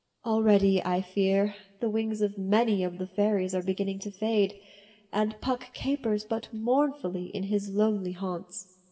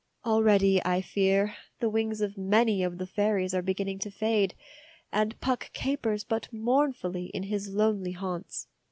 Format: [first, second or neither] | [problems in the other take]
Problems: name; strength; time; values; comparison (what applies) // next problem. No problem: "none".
second | room echo; dies away in 0.9 s